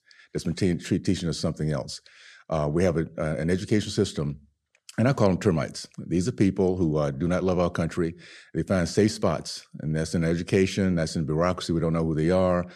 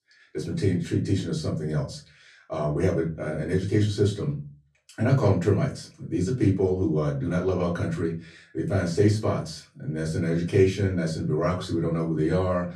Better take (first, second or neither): first